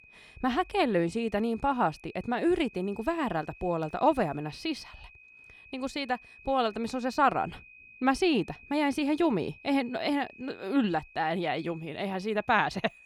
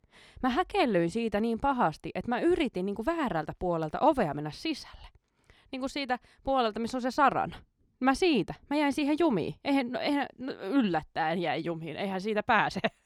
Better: second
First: high-pitched whine; faint; throughout; 2.5 kHz, 20 dB below the speech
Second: none

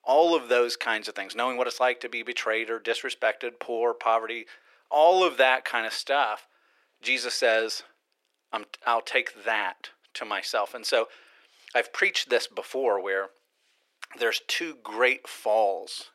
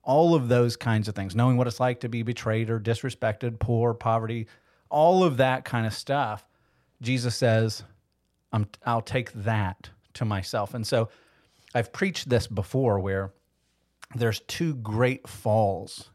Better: second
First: thin; very; fading below 350 Hz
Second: none

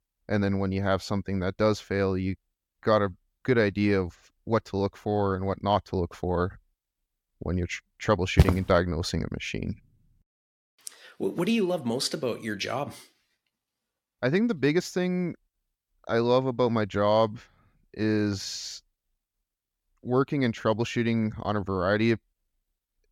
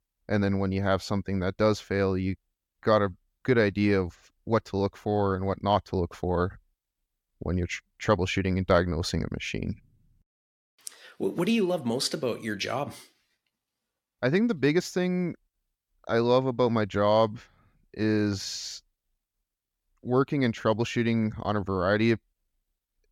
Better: second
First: footsteps; loud; at 8.5 s; peak 4 dB above the speech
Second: none

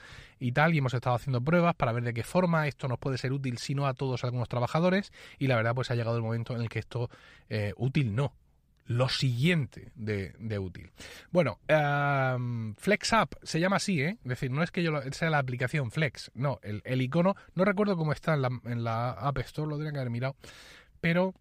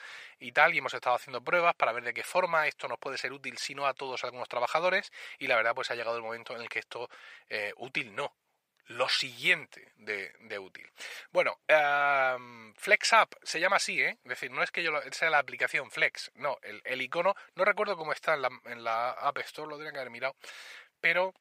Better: first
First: none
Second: thin; very; fading below 700 Hz

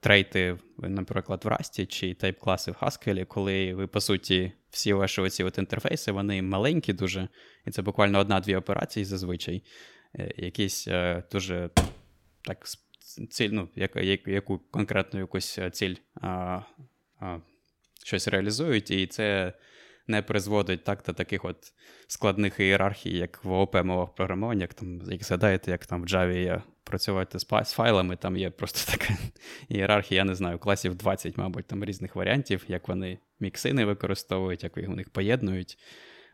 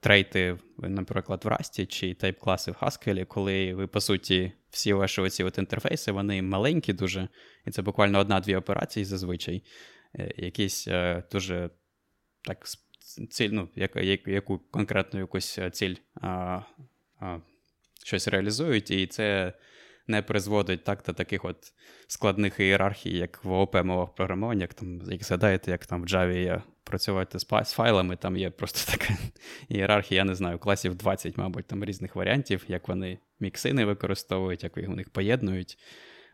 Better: second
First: door banging; loud; at 12 s; peak 2 dB above the speech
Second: none

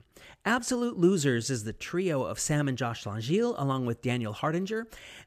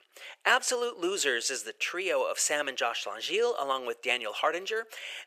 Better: first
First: none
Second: thin; very; fading below 500 Hz

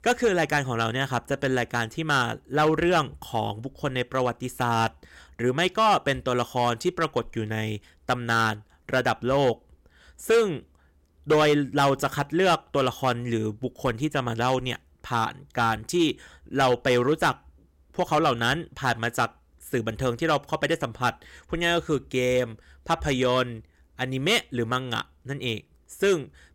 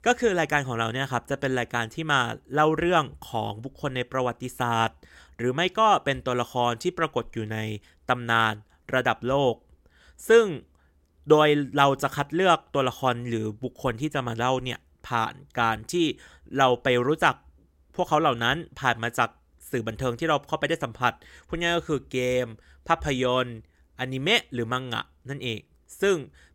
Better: second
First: distortion; slight; 3% of the sound clipped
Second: none

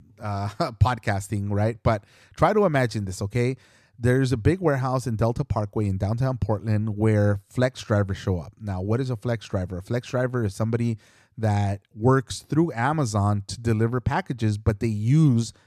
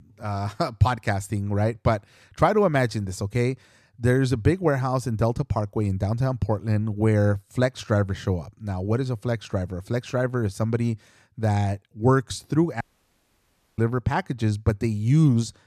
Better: first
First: none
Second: audio cutting out; at 13 s for 1 s

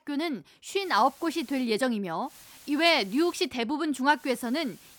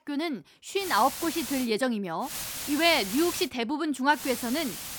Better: first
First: hiss; faint; at 1 s, from 2.5 to 3.5 s and at 4 s; 25 dB below the speech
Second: hiss; loud; at 1 s, from 2.5 to 3.5 s and at 4 s; 8 dB below the speech

